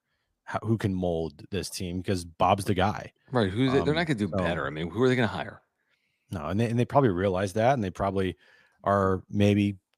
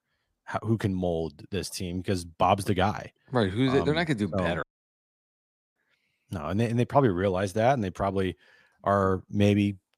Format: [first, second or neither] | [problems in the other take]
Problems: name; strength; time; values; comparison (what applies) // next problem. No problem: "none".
first | audio cutting out; at 4.5 s for 1 s